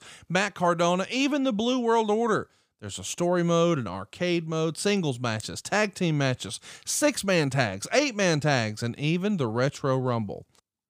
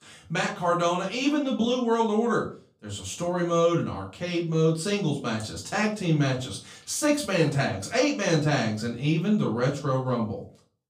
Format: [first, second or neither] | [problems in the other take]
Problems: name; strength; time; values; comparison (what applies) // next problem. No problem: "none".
first | room echo; slight; dies away in 0.3 s // off-mic speech; far